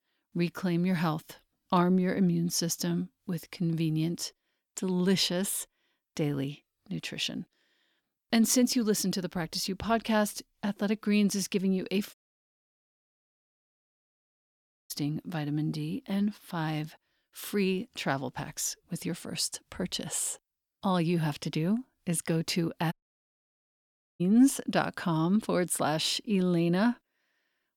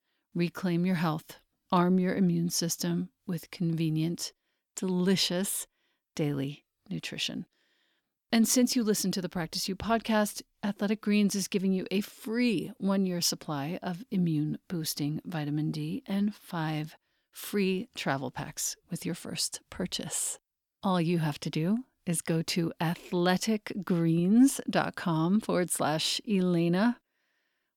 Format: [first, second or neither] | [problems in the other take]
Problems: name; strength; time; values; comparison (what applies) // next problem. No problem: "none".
second | audio cutting out; at 12 s for 3 s and at 23 s for 1.5 s